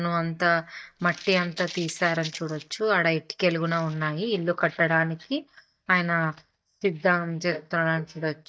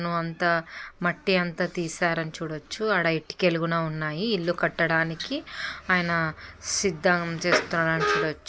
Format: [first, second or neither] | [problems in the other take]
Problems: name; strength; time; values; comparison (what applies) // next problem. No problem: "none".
second | noise reduction (neural mask model DeepFilterNet 3)